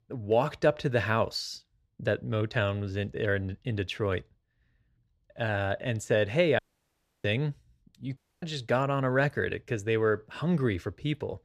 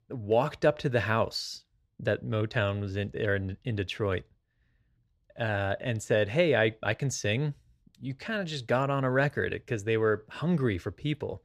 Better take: second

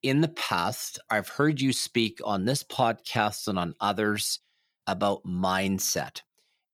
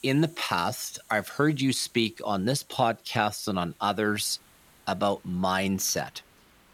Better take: first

